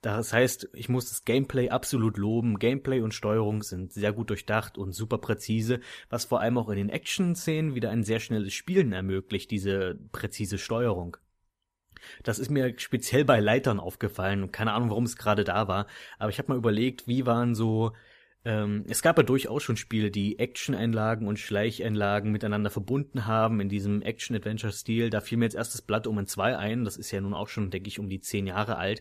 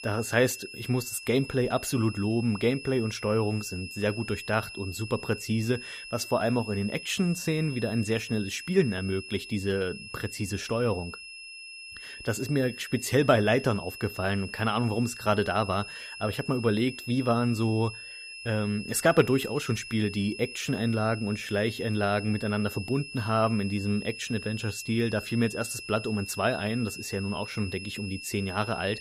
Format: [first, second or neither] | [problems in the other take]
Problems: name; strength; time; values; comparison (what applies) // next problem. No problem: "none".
first | high-pitched whine; noticeable; throughout; 2.5 kHz, 10 dB below the speech